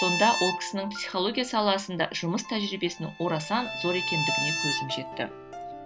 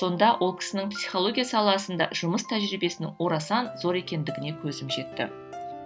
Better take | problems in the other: second | background sound (Bowed string instrument); 5 dB below the speech

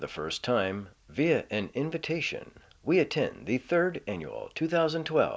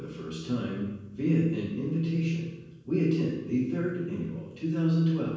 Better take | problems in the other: first | room echo; dies away in 1.2 s

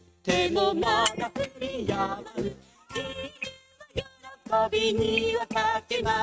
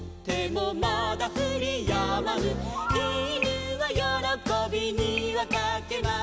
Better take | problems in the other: second | noise reduction (neural mask model RNNoise)

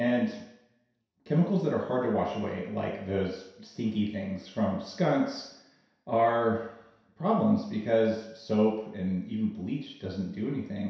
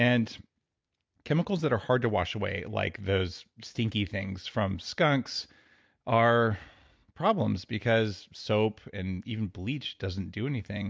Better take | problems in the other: second | room echo; dies away in 0.7 s

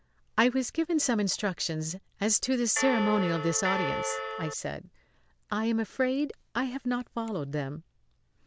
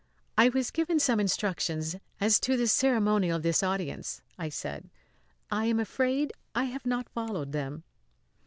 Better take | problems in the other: second | background sound (Bell); 2 dB below the speech

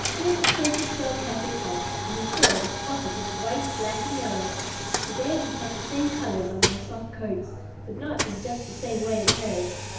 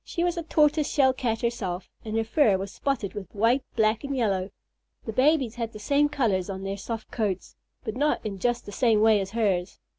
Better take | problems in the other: second | background sound (Coin (dropping)); 1 dB above the speech // room echo; dies away in 0.9 s

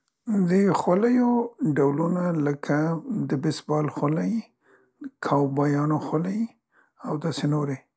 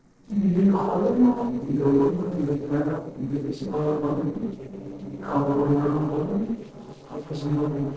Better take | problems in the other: first | noise reduction (neural separator model SepFormer DNS4)

